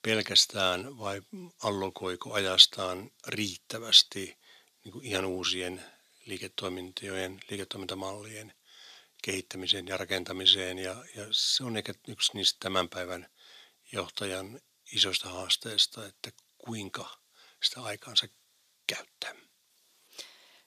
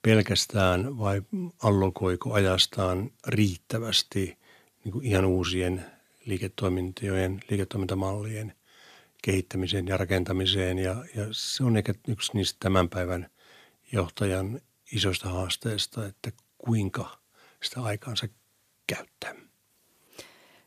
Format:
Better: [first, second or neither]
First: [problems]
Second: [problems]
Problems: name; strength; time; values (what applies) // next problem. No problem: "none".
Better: second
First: thin; somewhat; fading below 1 kHz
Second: none